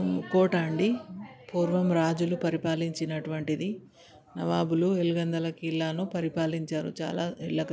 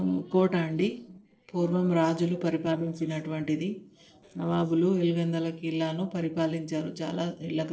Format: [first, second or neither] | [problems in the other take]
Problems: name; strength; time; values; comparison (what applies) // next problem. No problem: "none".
first | noise reduction (neural separator model SepFormer DNS4)